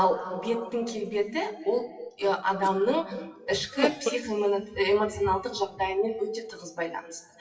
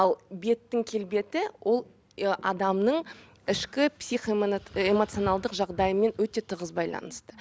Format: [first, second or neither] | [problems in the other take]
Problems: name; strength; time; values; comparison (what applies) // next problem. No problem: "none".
second | noise reduction (classical method WPE with log-MMSE)